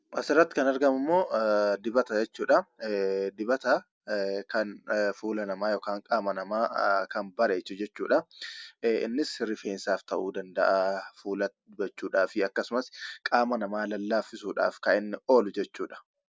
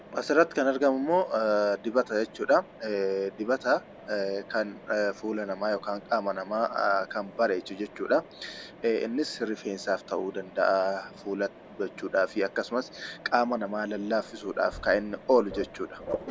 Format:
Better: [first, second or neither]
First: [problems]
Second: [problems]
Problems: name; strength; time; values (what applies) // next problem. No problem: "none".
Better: first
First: none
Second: background sound (Mechanisms); 17 dB below the speech